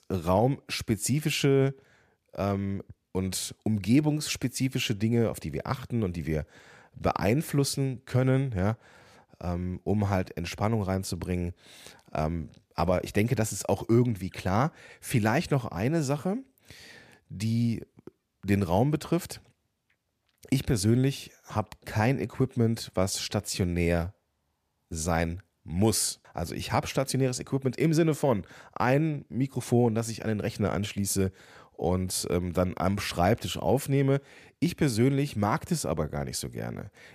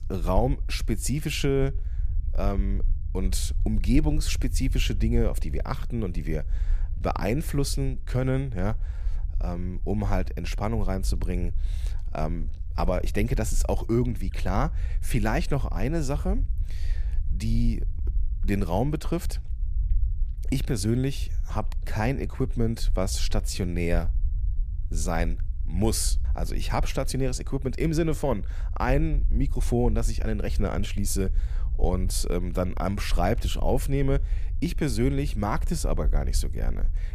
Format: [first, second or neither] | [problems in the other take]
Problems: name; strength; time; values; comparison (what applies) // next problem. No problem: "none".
first | low rumble; faint; throughout; 20 dB below the speech